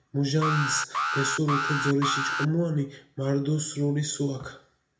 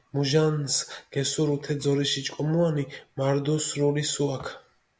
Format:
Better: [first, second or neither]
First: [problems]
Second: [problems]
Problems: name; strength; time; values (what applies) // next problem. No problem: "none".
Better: second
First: background sound (Alarm); 3 dB below the speech // room echo; dies away in 0.4 s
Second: none